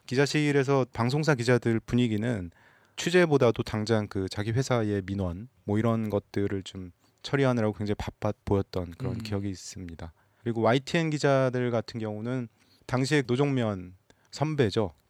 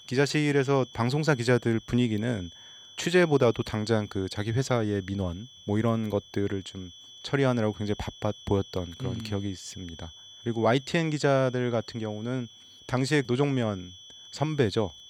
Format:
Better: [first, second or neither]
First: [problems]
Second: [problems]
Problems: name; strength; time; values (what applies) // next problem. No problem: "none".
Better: first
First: none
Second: high-pitched whine; noticeable; throughout; 3.5 kHz, 20 dB below the speech